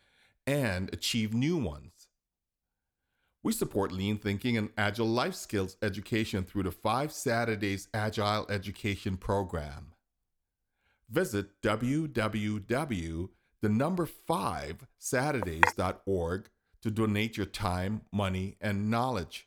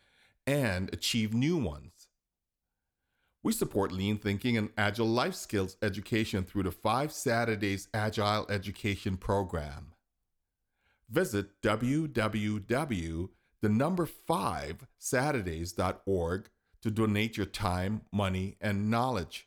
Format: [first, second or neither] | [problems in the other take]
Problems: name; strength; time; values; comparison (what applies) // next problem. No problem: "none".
second | clattering dishes; loud; at 15 s; peak 5 dB above the speech